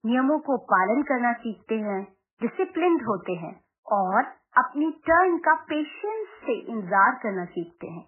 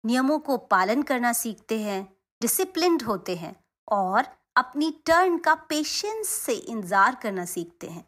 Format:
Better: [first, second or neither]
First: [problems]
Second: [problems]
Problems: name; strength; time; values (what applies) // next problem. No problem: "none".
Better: second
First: garbled, watery; badly; nothing above 3 kHz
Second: none